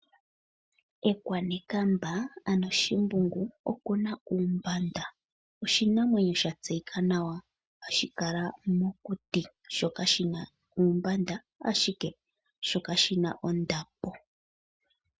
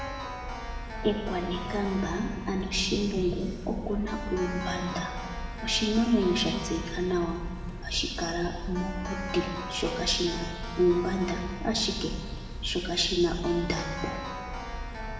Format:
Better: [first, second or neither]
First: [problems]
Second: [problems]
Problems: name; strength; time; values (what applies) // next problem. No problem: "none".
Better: first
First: none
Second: background sound (Keyboard (musical)); 6 dB below the speech // room echo; dies away in 1.7 s